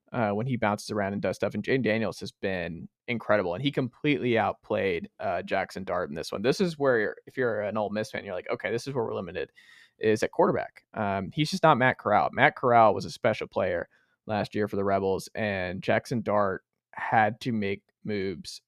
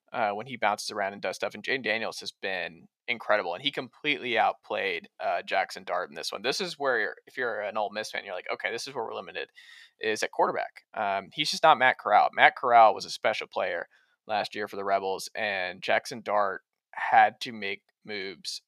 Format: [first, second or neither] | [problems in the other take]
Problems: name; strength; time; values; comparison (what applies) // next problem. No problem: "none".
first | thin; somewhat; fading below 1 kHz